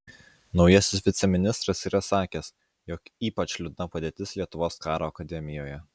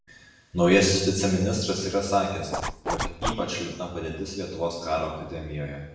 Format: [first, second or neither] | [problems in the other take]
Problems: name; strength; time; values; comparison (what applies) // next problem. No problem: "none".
first | background sound (Zipper (clothing)); 3 dB below the speech // room echo; dies away in 0.9 s